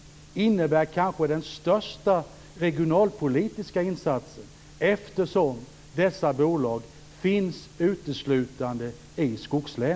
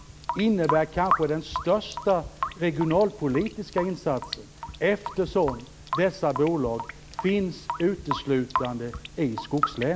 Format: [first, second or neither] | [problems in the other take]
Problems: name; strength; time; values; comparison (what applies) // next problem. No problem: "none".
first | background sound (Drip / Sink (filling or washing) / Water tap, faucet); 8 dB below the speech